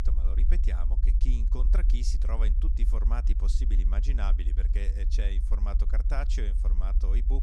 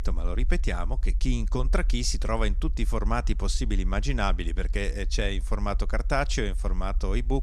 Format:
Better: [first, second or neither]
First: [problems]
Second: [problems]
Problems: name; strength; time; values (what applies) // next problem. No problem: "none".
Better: second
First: low rumble; loud; throughout; 7 dB below the speech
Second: low rumble; faint; throughout; 25 dB below the speech